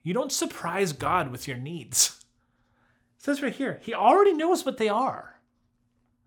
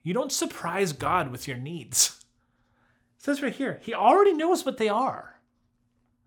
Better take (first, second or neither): neither